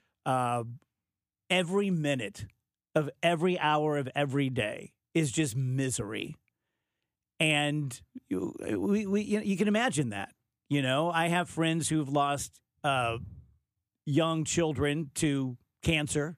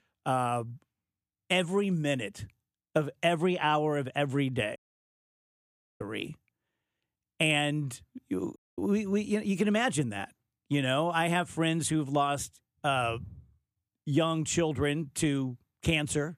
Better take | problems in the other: first | audio cutting out; at 5 s for 1 s and at 8.5 s

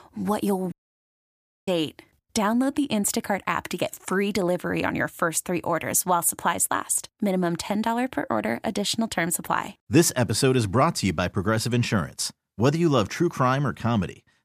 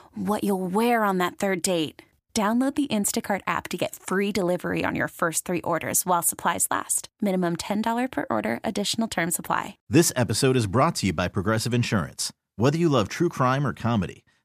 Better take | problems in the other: second | audio cutting out; at 0.5 s for 1 s

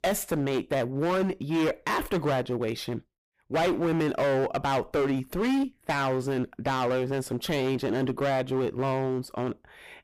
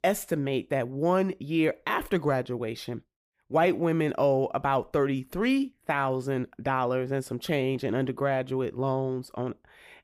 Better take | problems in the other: second | distortion; heavy; 19% of the sound clipped

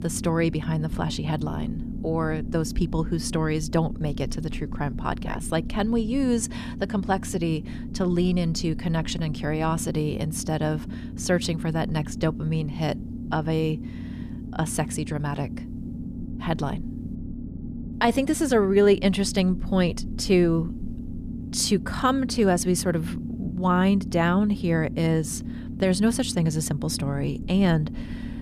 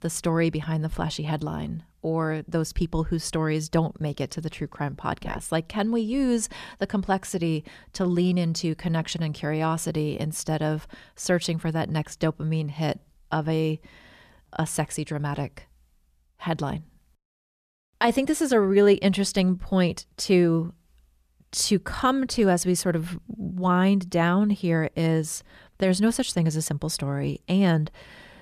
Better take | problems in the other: second | low rumble; noticeable; throughout; 15 dB below the speech

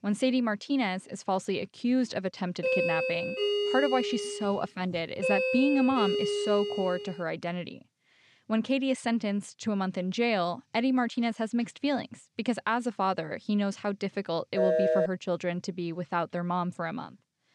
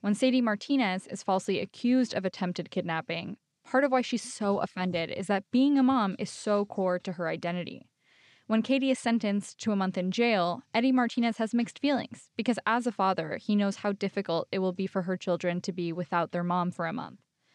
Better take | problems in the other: second | doorbell; loud; from 2.5 to 7 s; peak 3 dB above the speech // phone ringing; loud; at 15 s; peak 5 dB above the speech

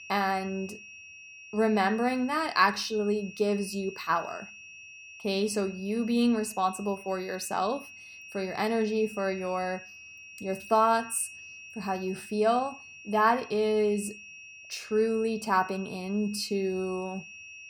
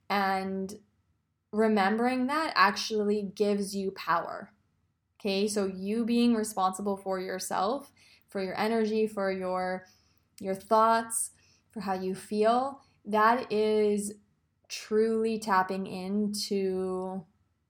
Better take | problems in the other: second | high-pitched whine; noticeable; throughout; 2.5 kHz, 15 dB below the speech

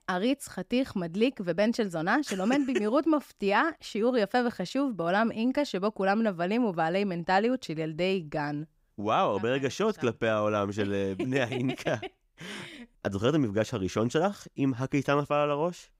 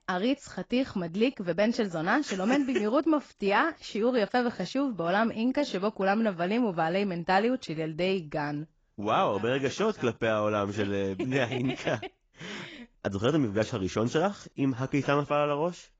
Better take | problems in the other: first | garbled, watery; badly; nothing above 7.5 kHz

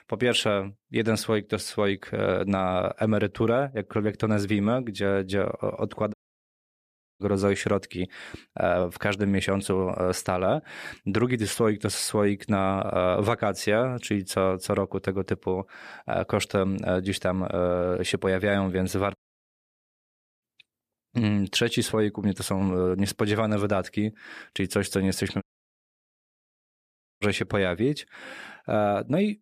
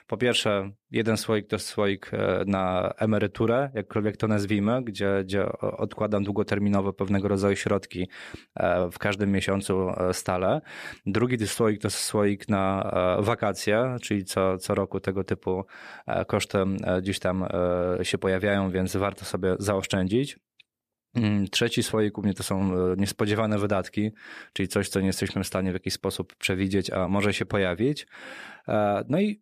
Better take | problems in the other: second | audio cutting out; at 6 s for 1 s, at 19 s for 1.5 s and at 25 s for 2 s

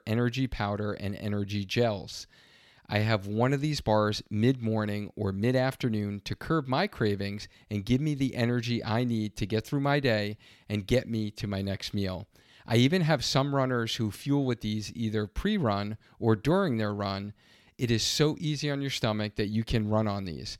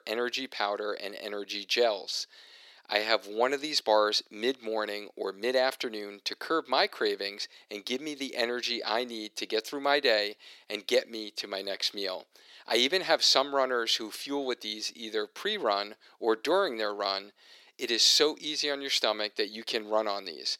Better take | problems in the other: first | thin; very; fading below 350 Hz

